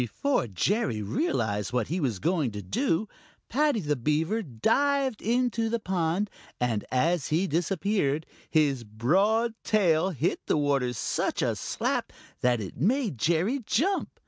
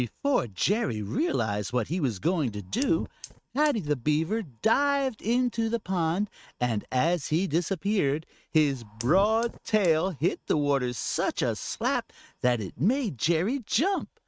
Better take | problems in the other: first | noise reduction (neural mask model RNNoise)

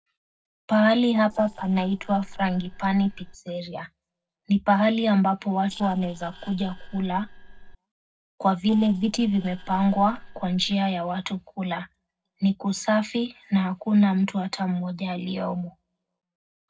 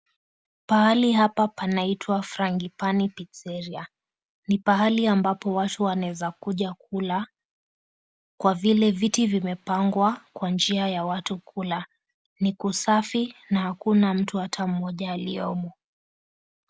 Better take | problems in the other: second | noise reduction (neural separator model SepFormer DNS4)

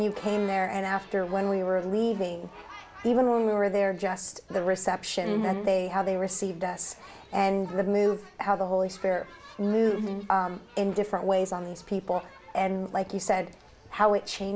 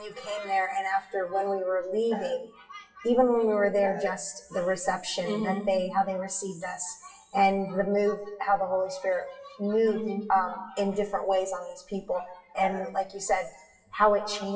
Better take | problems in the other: first | noise reduction (classical method WPE with log-MMSE)

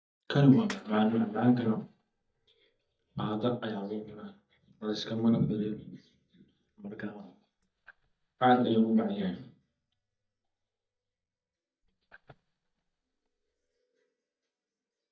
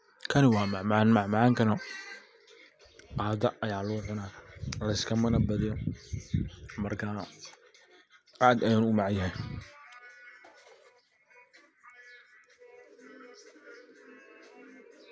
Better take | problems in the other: second | noise reduction (neural mask model DeepFilterNet 3)

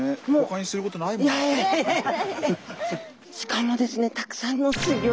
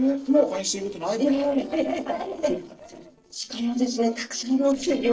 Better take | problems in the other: first | noise reduction (neural separator model SepFormer DNS4)

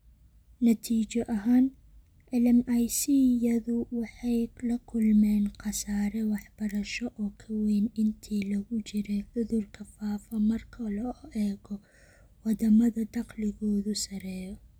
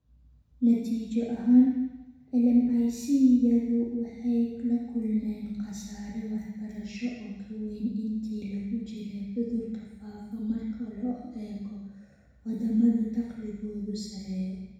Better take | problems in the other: first | room echo; dies away in 1.1 s

